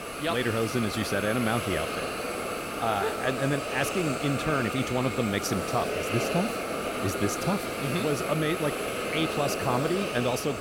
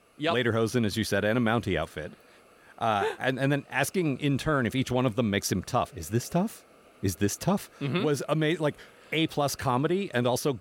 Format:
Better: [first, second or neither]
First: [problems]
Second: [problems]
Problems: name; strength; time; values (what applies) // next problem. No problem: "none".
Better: second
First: hiss; loud; throughout; 2 dB below the speech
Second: hiss; faint; throughout; 30 dB below the speech